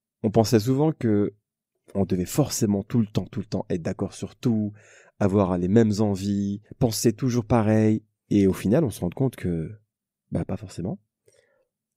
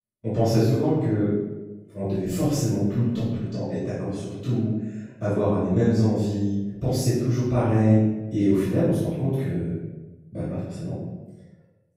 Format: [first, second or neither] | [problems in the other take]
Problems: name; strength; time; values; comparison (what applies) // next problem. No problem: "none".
first | off-mic speech; far // room echo; strong; dies away in 1 s